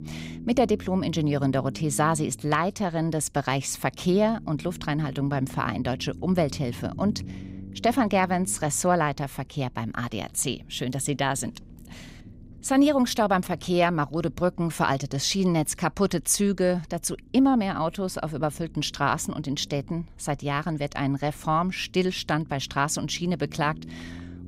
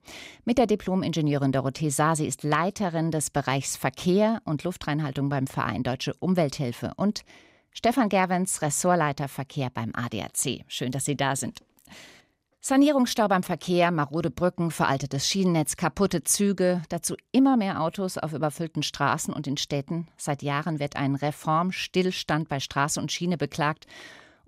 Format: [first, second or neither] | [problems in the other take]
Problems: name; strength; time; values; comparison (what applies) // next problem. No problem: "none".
second | low rumble; faint; throughout; 25 dB below the speech